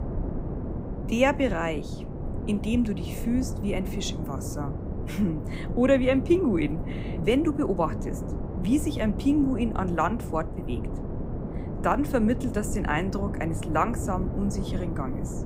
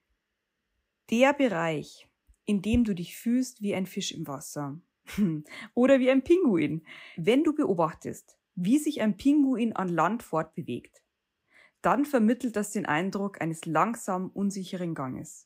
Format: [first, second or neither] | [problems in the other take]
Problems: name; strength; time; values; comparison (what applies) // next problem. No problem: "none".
second | wind noise on the microphone; occasional gusts; 10 dB below the speech